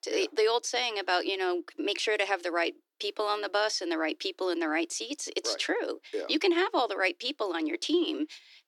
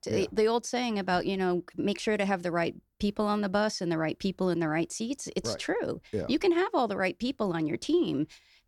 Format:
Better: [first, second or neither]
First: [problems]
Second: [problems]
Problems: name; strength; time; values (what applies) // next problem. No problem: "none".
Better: second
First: thin; somewhat; fading below 300 Hz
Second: none